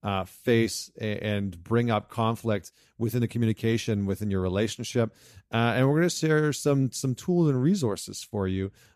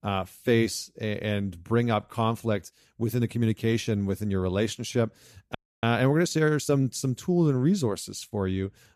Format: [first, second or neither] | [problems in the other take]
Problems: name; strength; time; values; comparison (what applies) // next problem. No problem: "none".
first | audio freezing; at 5.5 s